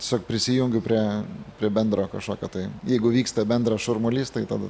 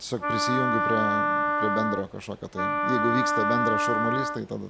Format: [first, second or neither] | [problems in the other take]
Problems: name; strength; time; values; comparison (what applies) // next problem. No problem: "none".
first | background sound (Wind instrument, woodwind instrument); 4 dB above the speech